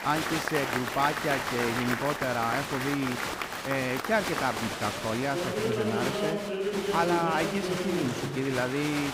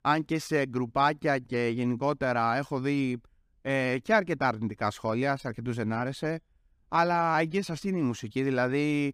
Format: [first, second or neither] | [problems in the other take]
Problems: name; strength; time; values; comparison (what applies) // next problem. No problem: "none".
second | crowd noise; loud; throughout; 1 dB below the speech